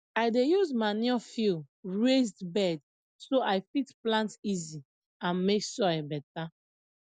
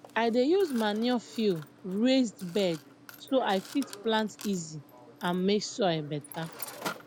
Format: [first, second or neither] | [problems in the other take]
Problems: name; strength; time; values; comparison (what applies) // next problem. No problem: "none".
first | background sound (Mechanisms); 17 dB below the speech